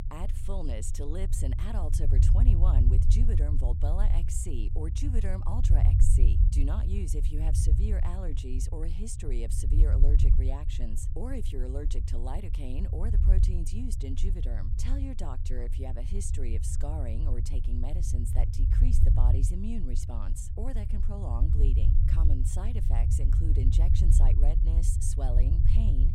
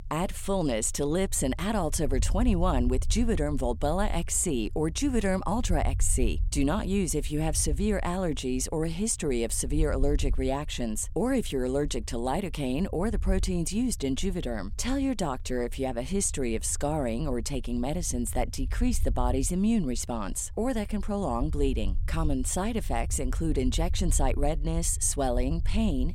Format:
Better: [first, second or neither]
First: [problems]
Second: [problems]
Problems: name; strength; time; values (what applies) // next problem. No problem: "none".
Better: second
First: low rumble; loud; throughout; 3 dB below the speech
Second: low rumble; faint; throughout; 25 dB below the speech